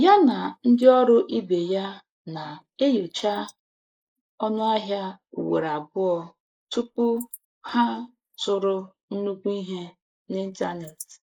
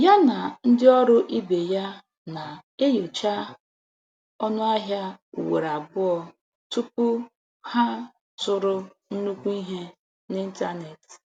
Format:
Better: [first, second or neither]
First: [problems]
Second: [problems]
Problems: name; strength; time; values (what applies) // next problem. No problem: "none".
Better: second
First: noise reduction (neural mask model Resemble Enhance denoiser)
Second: none